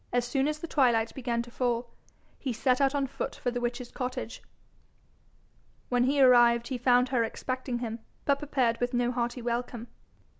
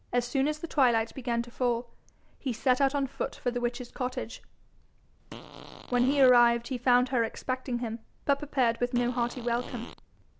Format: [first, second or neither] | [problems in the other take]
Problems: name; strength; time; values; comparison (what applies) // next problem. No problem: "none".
first | background sound (Fart); 14 dB below the speech